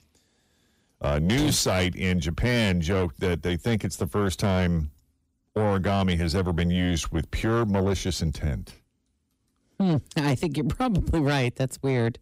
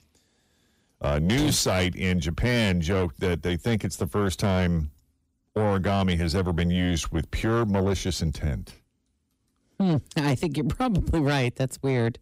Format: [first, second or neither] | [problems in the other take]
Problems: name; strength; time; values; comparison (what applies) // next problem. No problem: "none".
neither | distortion; slight; 10 dB below the speech; the same in both